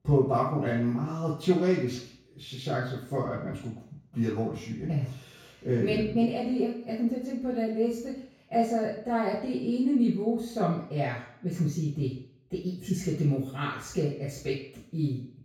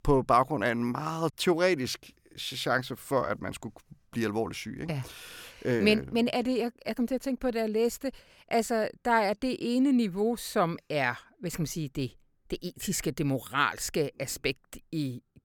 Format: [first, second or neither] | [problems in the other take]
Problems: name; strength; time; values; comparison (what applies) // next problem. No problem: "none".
second | room echo; noticeable; dies away in 0.6 s // off-mic speech; far